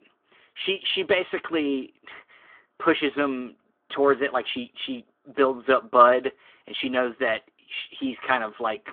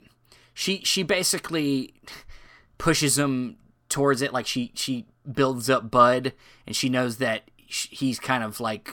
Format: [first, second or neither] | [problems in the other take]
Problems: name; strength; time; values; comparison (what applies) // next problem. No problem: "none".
second | phone-call audio; nothing above 3.5 kHz